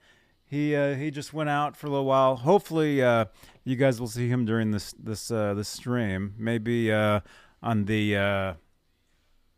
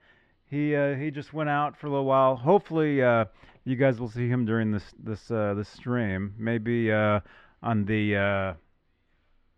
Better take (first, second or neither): first